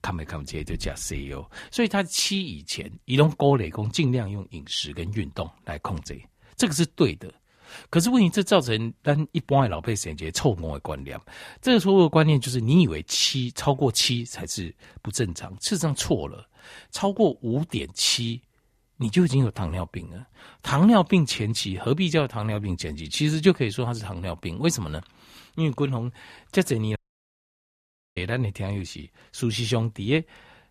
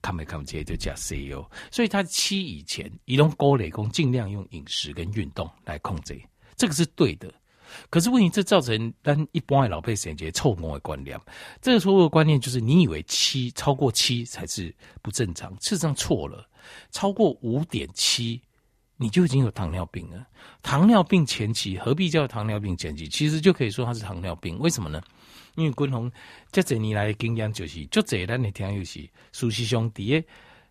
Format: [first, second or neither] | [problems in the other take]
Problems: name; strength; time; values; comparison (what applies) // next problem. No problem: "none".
second | audio cutting out; at 27 s for 1 s